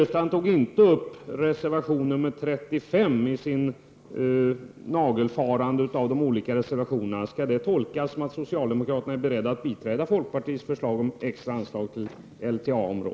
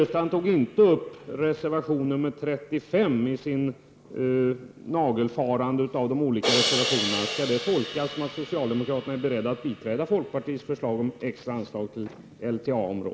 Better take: first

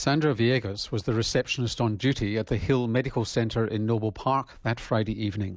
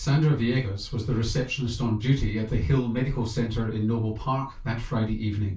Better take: first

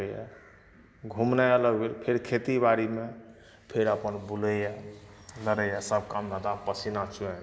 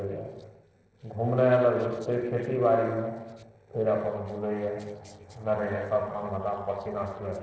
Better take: first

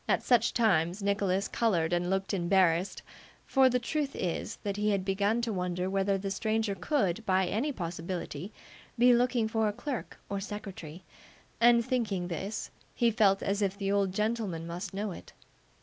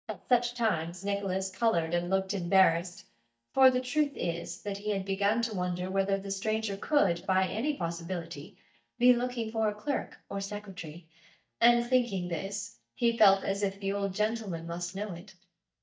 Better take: first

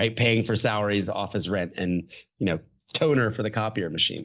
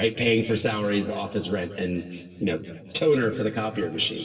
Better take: first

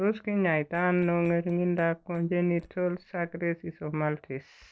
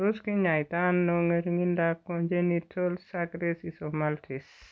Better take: second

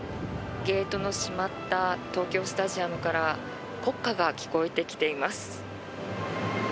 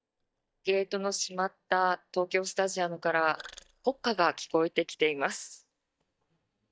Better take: first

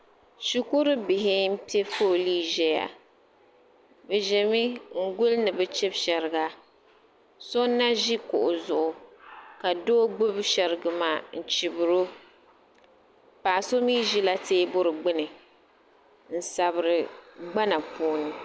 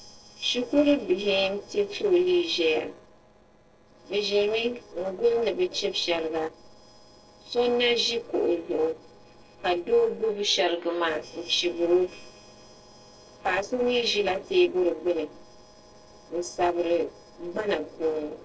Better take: first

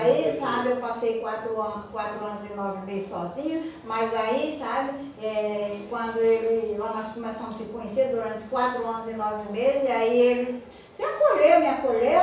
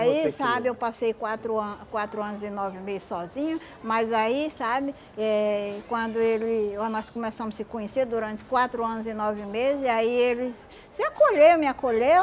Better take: second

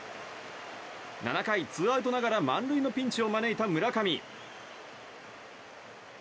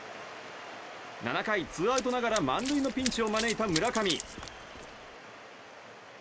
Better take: first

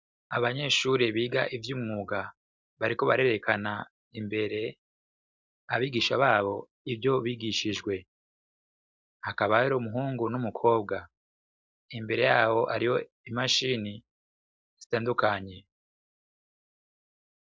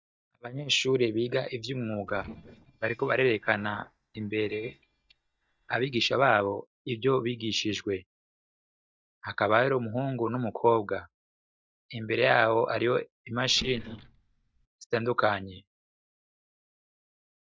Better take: first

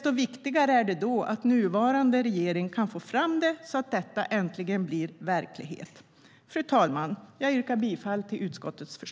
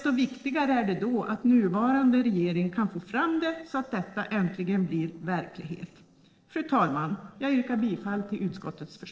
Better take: first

